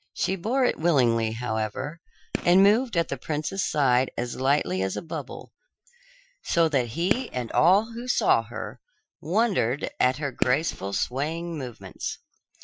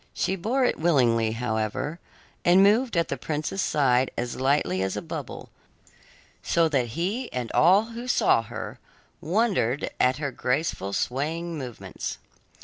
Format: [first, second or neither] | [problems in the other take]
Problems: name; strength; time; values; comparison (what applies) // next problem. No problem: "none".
second | noise reduction (classical method Wiener filter)